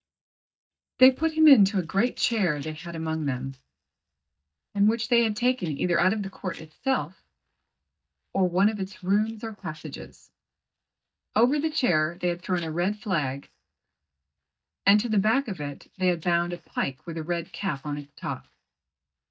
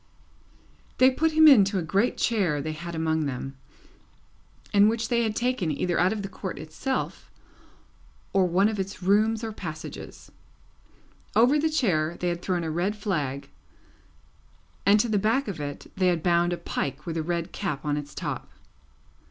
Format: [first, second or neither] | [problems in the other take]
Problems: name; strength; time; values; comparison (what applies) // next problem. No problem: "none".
second | noise reduction (neural mask model DeepFilterNet 3)